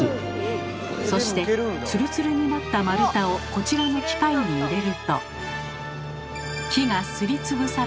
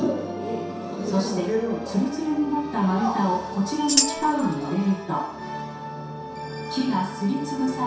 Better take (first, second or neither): first